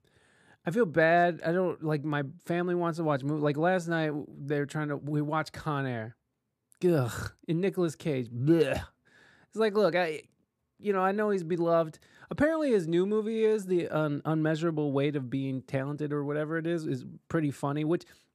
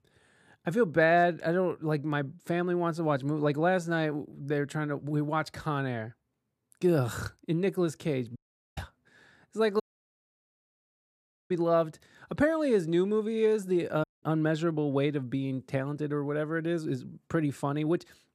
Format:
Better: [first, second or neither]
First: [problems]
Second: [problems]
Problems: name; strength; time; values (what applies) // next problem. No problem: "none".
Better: first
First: none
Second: audio cutting out; at 8.5 s, at 10 s for 1.5 s and at 14 s